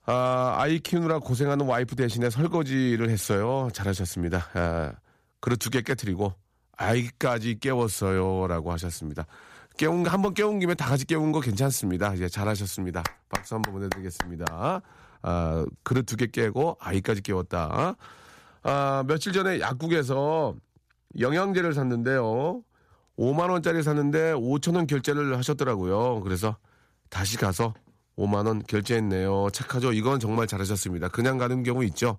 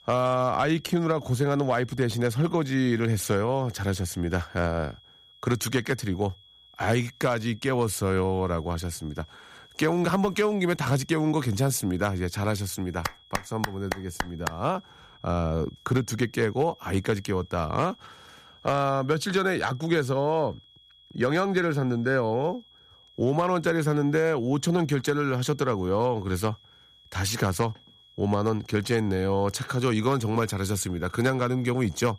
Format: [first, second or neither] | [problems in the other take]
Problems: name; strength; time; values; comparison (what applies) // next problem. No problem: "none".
first | high-pitched whine; faint; throughout; 3.5 kHz, 25 dB below the speech